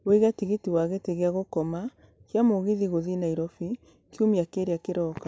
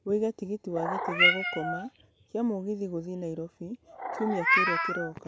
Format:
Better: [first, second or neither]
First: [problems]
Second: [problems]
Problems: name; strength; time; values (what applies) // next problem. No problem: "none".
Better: first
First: none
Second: background sound (Meow); 2 dB above the speech